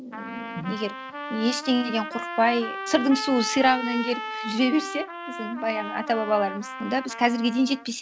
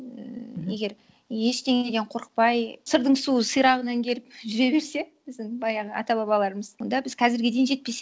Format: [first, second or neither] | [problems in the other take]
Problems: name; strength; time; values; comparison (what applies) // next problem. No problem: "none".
second | background sound (Trumpet); 9 dB below the speech